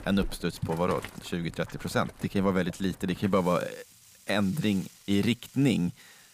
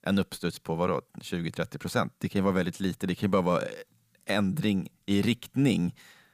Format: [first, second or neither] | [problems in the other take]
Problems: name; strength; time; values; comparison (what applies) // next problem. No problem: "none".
second | household noises; noticeable; throughout; 15 dB below the speech